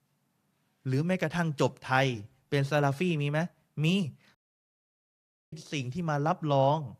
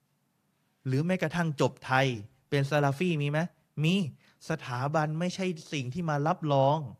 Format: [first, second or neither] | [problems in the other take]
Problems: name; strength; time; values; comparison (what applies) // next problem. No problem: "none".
second | audio cutting out; at 4.5 s for 1 s